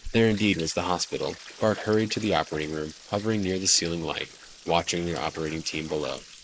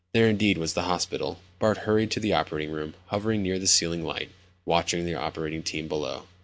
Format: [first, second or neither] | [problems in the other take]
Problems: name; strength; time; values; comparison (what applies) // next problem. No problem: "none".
second | noise reduction (neural mask model Resemble Enhance denoiser)